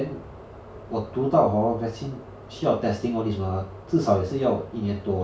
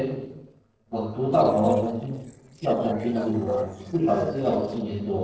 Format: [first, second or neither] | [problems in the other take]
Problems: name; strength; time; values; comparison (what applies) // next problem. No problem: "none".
first | noise reduction (neural separator model SepFormer DNS4)